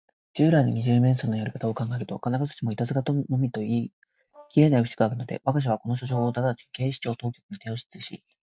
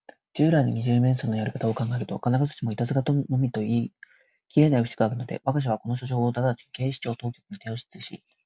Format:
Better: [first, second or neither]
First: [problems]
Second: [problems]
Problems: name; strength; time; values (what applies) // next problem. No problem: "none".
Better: second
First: noise reduction (neural mask model DeepFilterNet 3)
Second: none